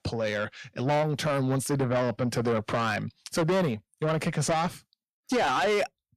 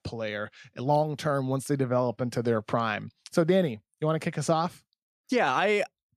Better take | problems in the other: second | distortion; heavy; 6 dB below the speech

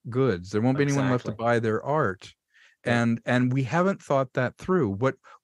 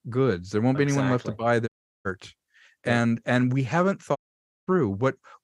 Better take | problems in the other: first | audio cutting out; at 1.5 s and at 4 s for 0.5 s

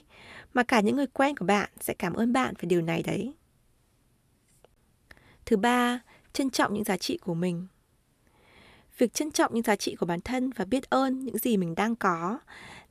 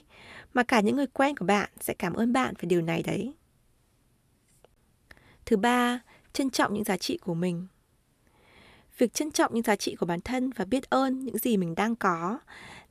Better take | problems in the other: neither | none

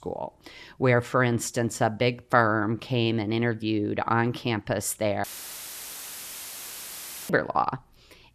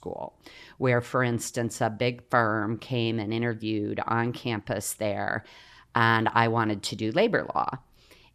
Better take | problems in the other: second | audio cutting out; filled with static; at 5 s for 2 s

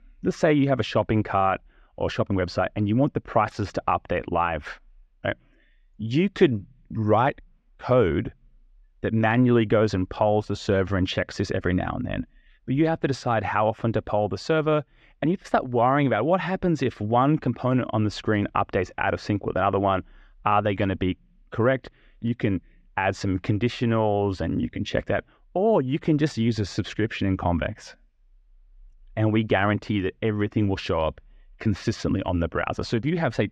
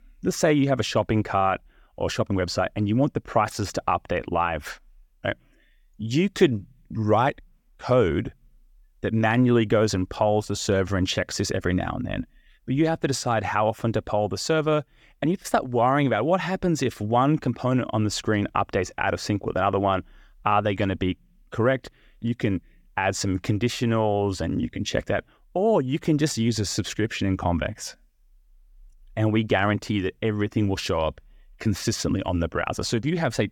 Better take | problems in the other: second | muffled; slightly; fading above 3.5 kHz

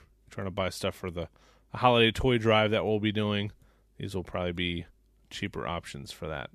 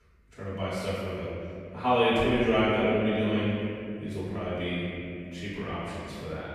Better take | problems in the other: first | off-mic speech; far // room echo; strong; dies away in 2.8 s

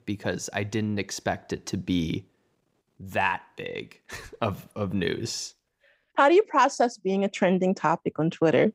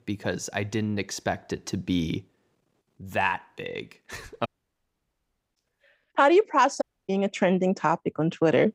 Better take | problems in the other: first | audio cutting out; at 4.5 s for 1 s and at 7 s

